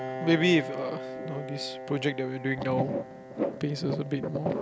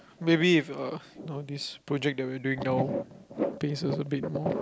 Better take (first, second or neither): second